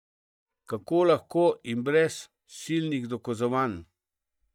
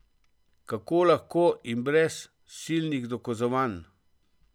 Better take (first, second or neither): second